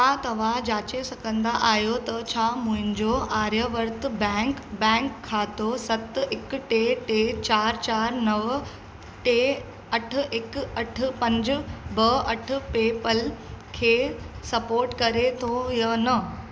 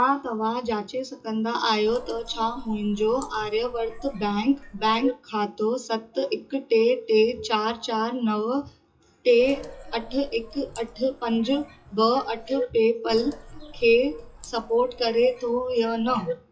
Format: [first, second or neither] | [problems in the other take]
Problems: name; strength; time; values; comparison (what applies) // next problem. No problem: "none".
first | noise reduction (classical method WPE with log-MMSE)